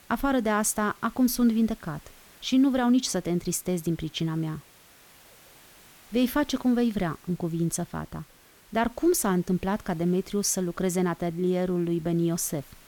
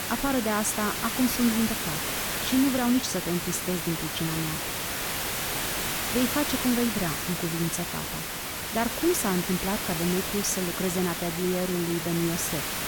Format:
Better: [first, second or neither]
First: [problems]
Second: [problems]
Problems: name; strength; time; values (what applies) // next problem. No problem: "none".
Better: first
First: hiss; faint; throughout; 25 dB below the speech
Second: hiss; loud; throughout; 1 dB below the speech